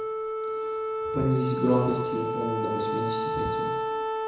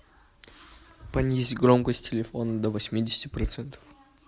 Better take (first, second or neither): second